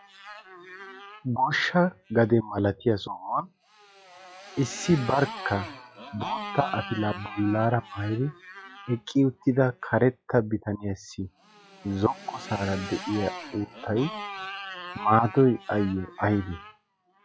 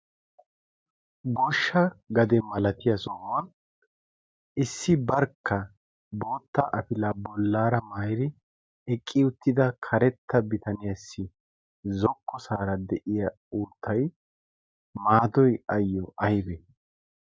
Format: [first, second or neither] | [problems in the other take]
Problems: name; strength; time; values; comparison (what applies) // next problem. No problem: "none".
second | noise reduction (classical method log-MMSE)